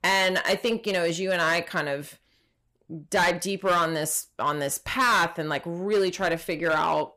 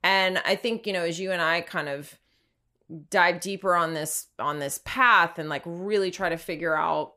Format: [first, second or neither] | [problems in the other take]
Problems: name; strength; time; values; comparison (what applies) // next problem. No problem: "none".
second | distortion; heavy; 7% of the sound clipped